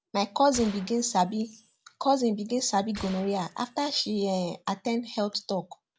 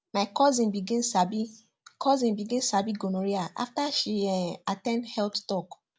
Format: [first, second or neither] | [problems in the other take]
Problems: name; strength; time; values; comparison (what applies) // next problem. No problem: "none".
second | background sound (Gunshot, gunfire); 19 dB below the speech